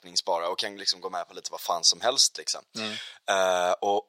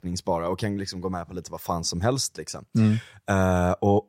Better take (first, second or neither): second